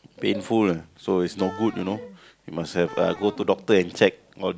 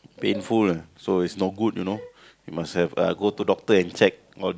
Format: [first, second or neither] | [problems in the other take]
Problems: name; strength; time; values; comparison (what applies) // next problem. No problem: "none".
second | background sound (Wind instrument, woodwind instrument); 17 dB below the speech